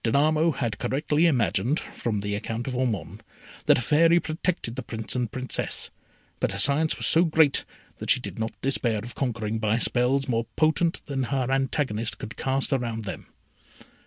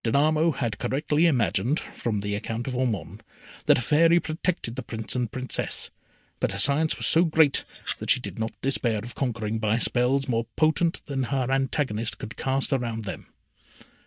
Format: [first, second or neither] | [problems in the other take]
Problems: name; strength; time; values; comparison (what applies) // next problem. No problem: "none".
first | noise reduction (neural mask model DeepFilterNet 3)